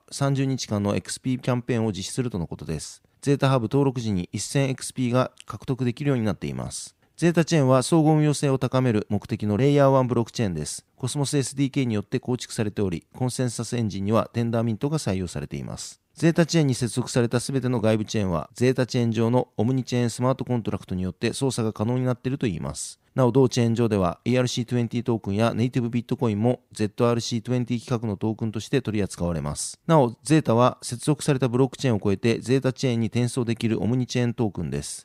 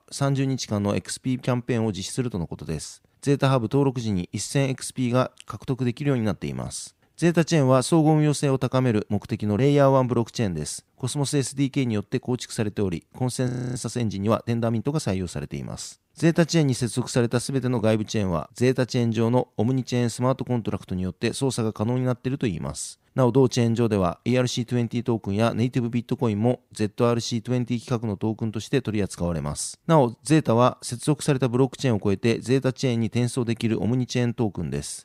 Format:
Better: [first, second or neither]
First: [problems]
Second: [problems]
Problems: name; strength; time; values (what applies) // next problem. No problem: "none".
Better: first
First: none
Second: audio freezing; at 13 s